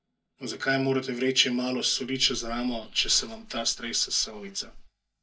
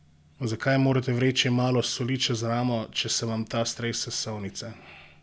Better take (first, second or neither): second